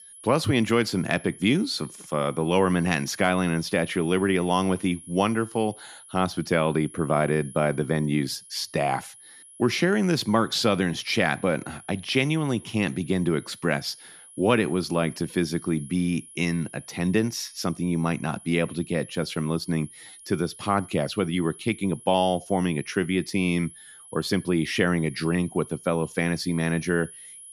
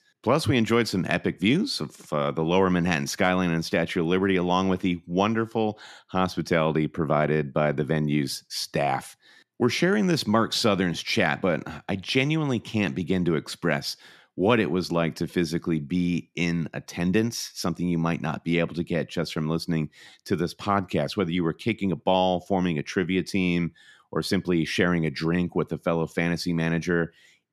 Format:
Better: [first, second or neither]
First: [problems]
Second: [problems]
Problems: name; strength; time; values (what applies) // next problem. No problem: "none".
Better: second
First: high-pitched whine; noticeable; throughout; 10.5 kHz, 20 dB below the speech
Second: none